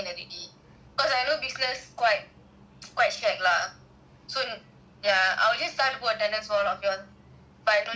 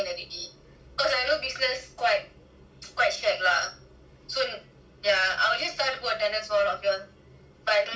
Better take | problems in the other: first | room echo; dies away in 0.2 s

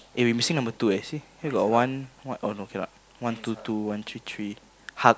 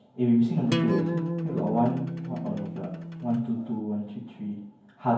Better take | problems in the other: first | background sound (Acoustic guitar); 3 dB below the speech // room echo; dies away in 0.9 s

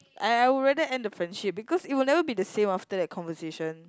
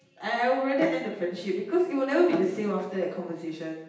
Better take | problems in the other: first | background sound (Bowed string instrument); 9 dB below the speech // room echo; dies away in 0.9 s

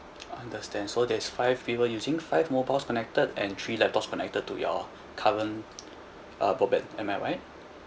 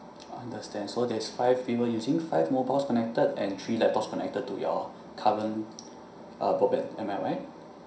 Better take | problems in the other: first | room echo; dies away in 0.5 s

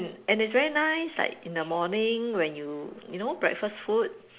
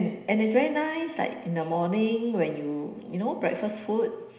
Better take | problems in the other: first | room echo; dies away in 0.9 s

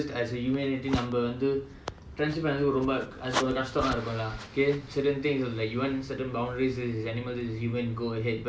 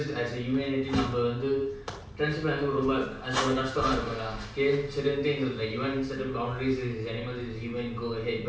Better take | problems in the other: first | room echo; dies away in 0.5 s

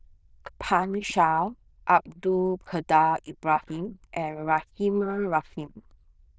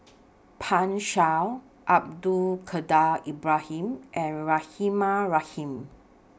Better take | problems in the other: second | noise reduction (neural diffusion model UNIVERSE++)

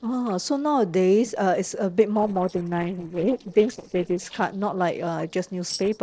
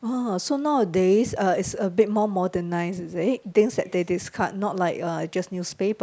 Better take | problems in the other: second | noise reduction (neural separator model SepFormer DNS4)

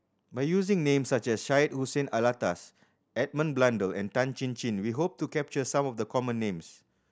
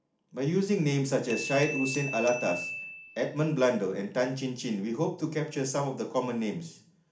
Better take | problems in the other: first | background sound (Glass / Bell); 10 dB below the speech // room echo; dies away in 0.4 s

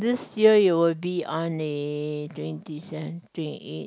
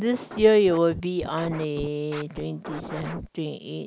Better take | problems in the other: first | background sound (Scratching (performance technique)); 14 dB below the speech

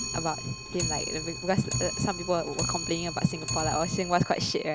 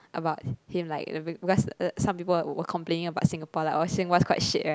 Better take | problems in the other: second | background sound (Clock); 4 dB below the speech

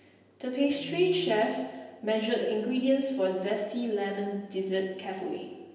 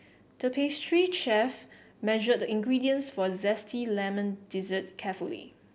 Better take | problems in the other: second | background sound (Guitar); 19 dB below the speech // room echo; dies away in 1 s

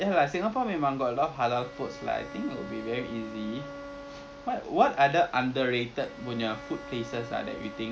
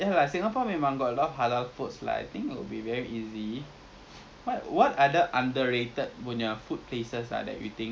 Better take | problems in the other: second | background sound (Bowed string instrument); 15 dB below the speech

